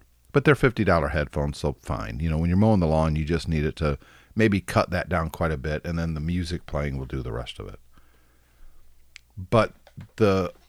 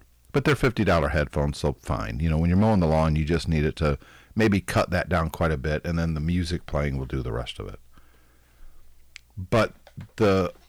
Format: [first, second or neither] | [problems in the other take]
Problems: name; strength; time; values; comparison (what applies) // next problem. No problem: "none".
first | distortion; slight; 4% of the sound clipped